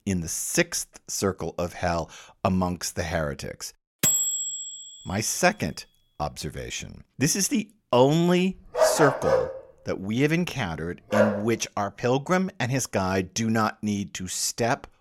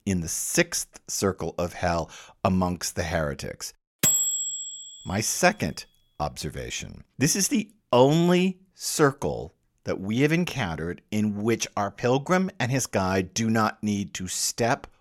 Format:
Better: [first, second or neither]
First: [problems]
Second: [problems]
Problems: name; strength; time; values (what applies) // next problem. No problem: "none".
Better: second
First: dog barking; loud; from 9 to 11 s; peak 4 dB above the speech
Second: none